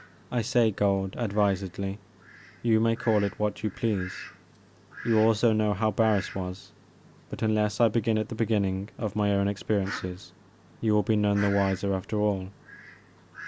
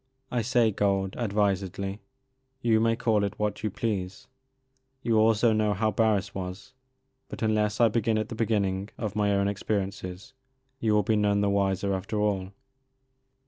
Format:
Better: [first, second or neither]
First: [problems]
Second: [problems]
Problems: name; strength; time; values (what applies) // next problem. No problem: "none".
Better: second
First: background sound (Fowl); 18 dB below the speech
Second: none